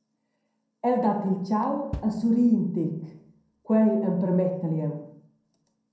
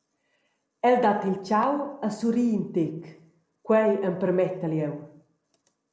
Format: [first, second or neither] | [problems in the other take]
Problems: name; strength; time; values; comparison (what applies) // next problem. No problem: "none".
second | background sound (Bass drum); 17 dB below the speech // room echo; dies away in 0.5 s